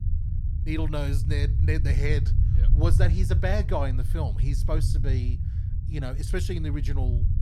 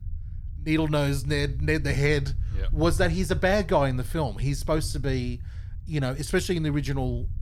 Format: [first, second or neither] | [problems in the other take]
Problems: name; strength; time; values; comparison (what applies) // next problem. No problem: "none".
second | low rumble; loud; throughout; 8 dB below the speech; faint in the second